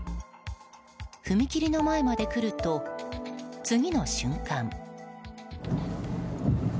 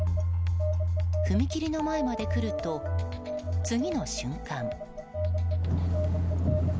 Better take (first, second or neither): first